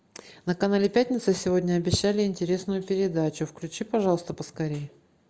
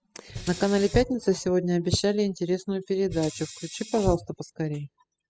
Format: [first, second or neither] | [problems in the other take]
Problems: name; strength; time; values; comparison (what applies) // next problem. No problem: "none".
first | noise reduction (classical method spectral subtraction)